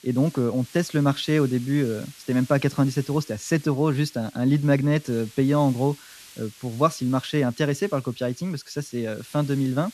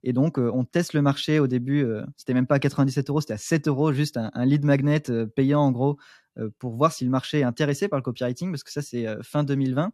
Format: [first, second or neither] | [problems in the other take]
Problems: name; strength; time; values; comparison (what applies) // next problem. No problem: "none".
second | hiss; faint; throughout; 20 dB below the speech